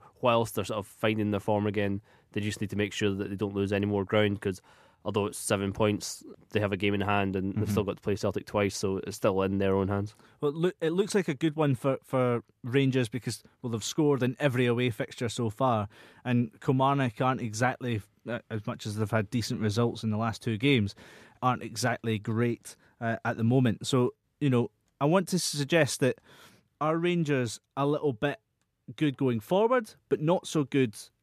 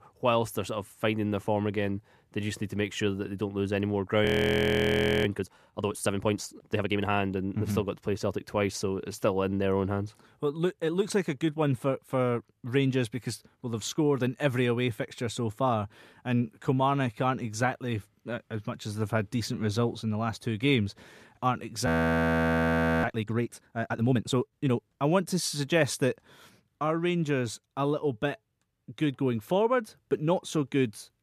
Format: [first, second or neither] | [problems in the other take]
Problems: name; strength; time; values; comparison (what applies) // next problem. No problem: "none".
first | audio freezing; at 4.5 s for 1 s and at 22 s for 1 s